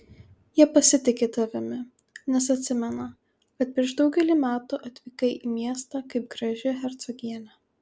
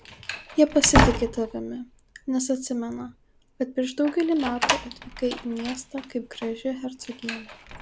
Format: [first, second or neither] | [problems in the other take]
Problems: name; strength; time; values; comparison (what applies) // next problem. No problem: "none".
first | background sound (Slam); 2 dB below the speech